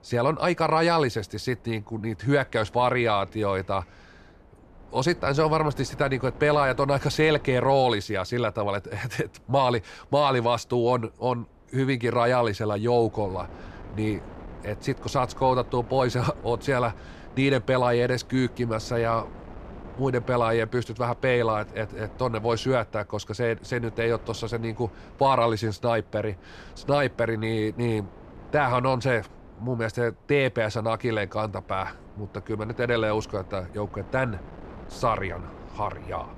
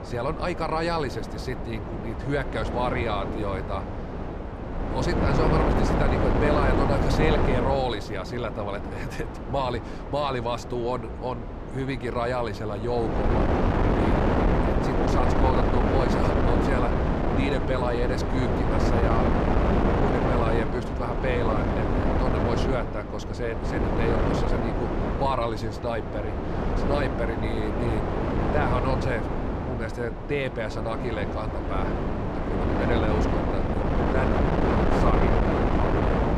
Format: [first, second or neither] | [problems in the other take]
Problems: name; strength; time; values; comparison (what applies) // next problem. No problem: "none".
first | wind noise on the microphone; heavy; 1 dB above the speech; occasional gusts in the first